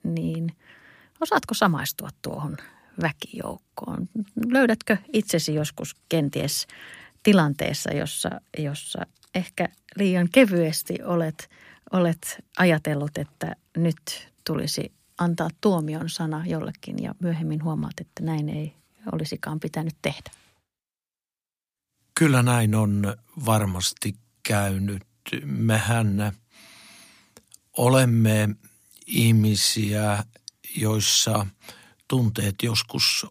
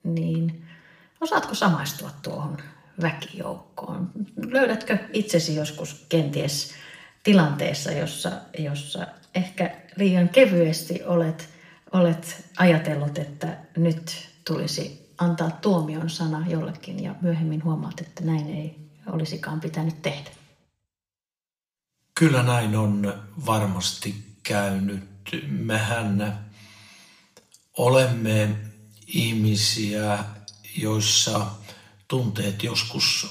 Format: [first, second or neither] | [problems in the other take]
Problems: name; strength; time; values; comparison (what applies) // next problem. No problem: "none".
first | room echo; slight; dies away in 0.5 s // off-mic speech; somewhat distant